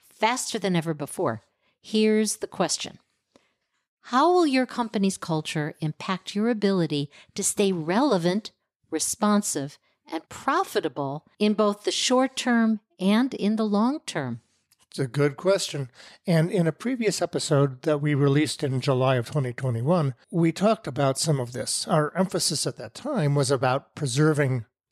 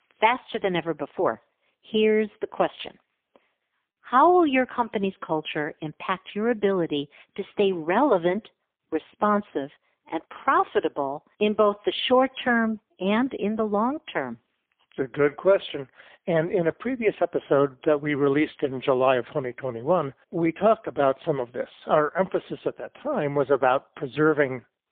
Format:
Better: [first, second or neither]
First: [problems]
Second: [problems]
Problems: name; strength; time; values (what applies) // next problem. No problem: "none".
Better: first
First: none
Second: phone-call audio; poor line